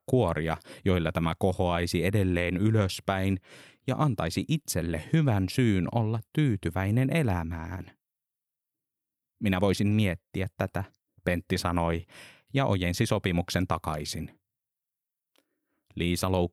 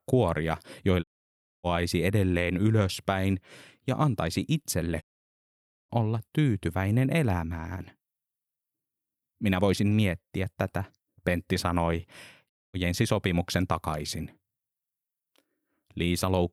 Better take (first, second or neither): first